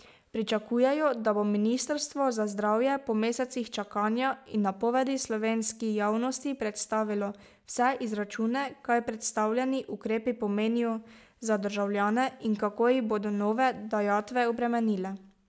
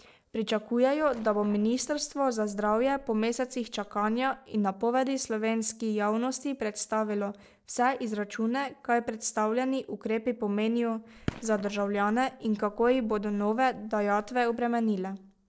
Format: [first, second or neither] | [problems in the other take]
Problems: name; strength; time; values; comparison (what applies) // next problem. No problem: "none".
first | noise reduction (neural separator model SepFormer DNS4)